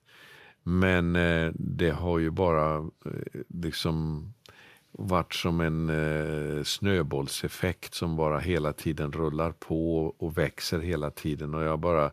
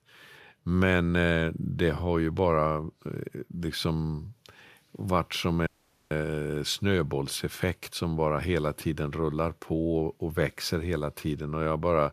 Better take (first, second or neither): first